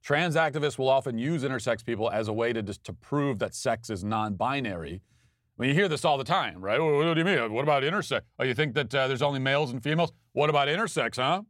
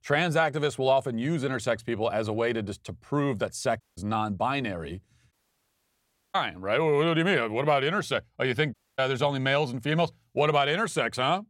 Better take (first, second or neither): first